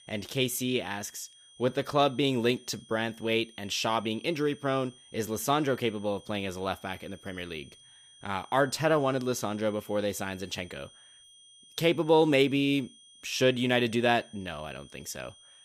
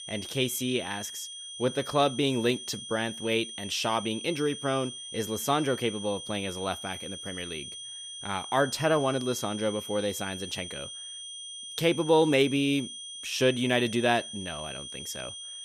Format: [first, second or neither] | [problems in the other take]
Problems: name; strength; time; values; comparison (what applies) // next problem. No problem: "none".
first | high-pitched whine; loud; throughout; 3.5 kHz, 10 dB below the speech; faint in the first